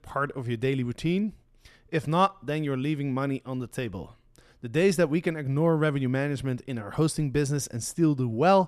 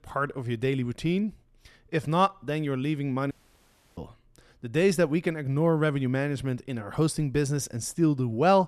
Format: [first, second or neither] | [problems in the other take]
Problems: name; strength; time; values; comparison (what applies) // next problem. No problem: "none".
first | audio cutting out; at 3.5 s for 0.5 s